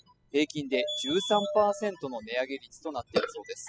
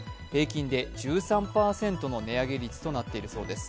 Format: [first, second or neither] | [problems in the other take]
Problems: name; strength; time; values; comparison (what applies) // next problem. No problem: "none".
second | noise reduction (classical method spectral subtraction)